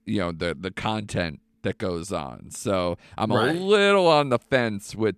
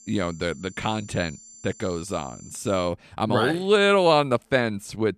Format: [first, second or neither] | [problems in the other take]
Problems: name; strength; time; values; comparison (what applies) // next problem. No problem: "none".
first | high-pitched whine; faint; until 3 s; 7.5 kHz, 20 dB below the speech